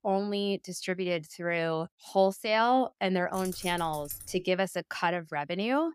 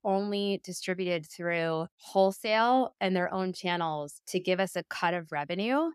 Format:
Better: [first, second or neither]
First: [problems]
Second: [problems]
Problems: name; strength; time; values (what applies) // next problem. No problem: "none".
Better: second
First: jangling keys; faint; from 3.5 to 4.5 s; peak 10 dB below the speech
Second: none